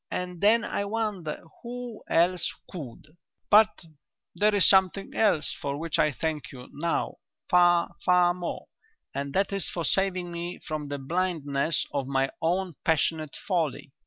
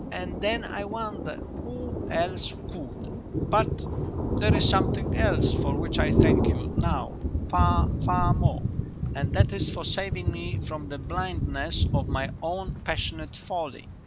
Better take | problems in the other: first | background sound (Thunder); 5 dB above the speech

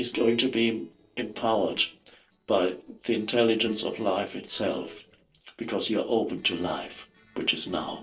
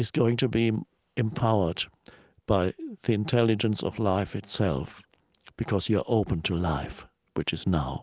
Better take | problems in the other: second | noise reduction (neural separator model SepFormer DNS4)

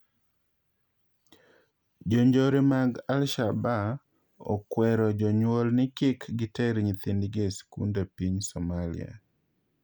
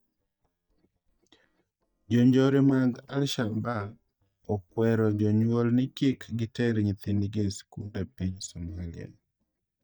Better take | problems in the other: first | noise reduction (neural mask model DeepFilterNet 3)

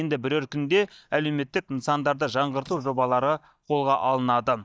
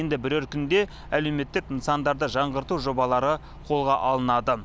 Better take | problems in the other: second | noise reduction (neural mask model DeepFilterNet 3)

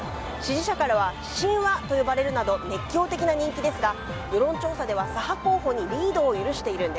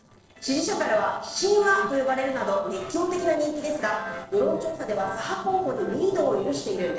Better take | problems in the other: first | noise reduction (neural separator model SepFormer DNS4)

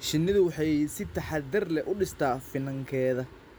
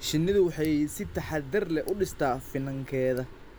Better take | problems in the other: first | background sound (Tick); 19 dB below the speech

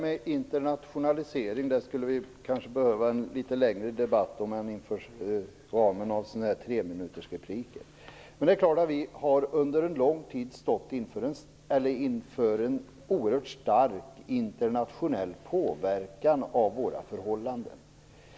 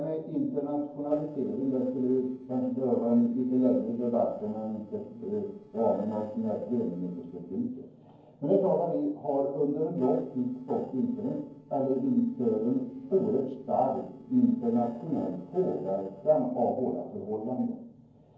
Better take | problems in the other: first | noise reduction (neural separator model SepFormer DNS4)

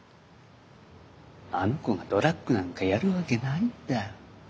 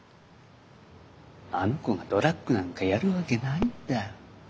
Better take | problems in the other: first | background sound (Fireworks); 17 dB below the speech

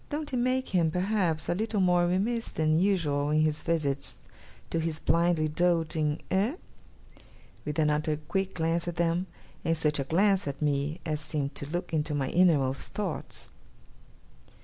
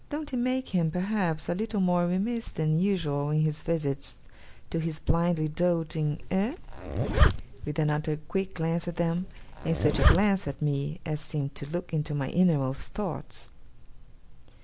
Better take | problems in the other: first | background sound (Zipper (clothing)); 1 dB above the speech

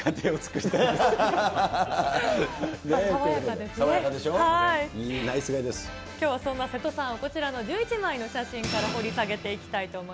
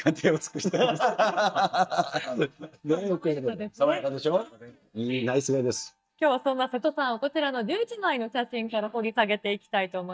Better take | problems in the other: first | noise reduction (neural mask model DeepFilterNet 3)

